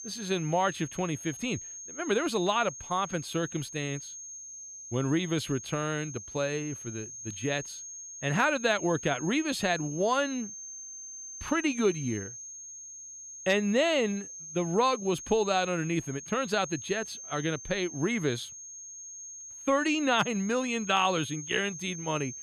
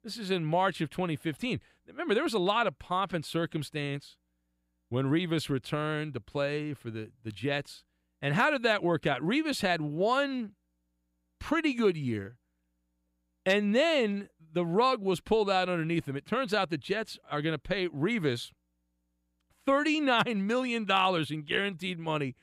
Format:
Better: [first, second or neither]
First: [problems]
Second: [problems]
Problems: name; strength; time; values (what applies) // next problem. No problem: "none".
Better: second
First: high-pitched whine; noticeable; throughout; 6.5 kHz, 10 dB below the speech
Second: none